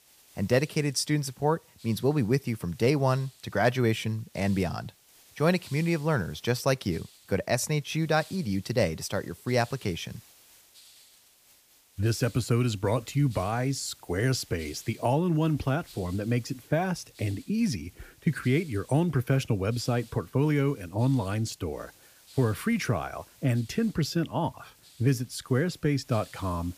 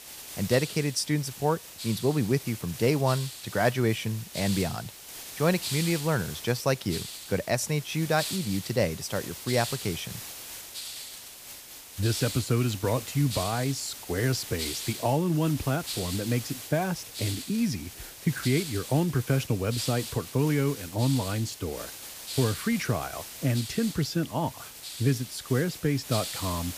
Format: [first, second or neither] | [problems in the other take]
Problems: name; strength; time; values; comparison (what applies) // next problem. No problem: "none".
first | hiss; loud; throughout; 8 dB below the speech; faint in the first